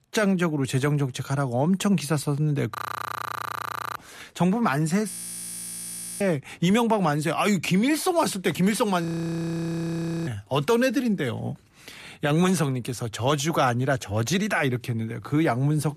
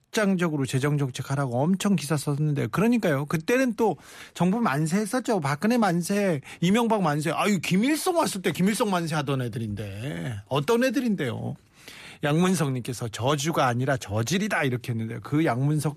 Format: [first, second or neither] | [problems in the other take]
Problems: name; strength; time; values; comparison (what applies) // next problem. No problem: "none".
second | audio freezing; at 3 s for 1 s, at 5 s for 1 s and at 9 s for 1 s